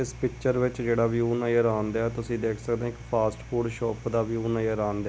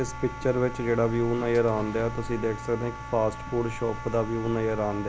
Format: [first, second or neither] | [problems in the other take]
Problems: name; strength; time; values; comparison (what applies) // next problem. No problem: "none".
first | background sound (Wind instrument, woodwind instrument + Livestock, farm animals, working animals); 11 dB below the speech